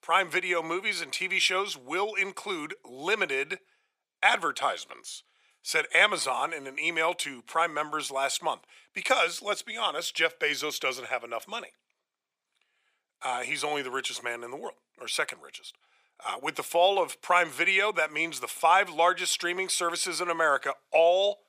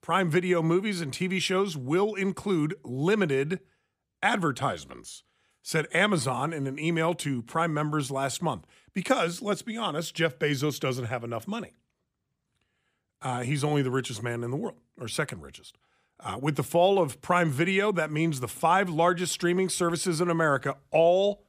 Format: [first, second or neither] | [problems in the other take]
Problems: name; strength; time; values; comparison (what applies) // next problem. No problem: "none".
second | thin; very; fading below 650 Hz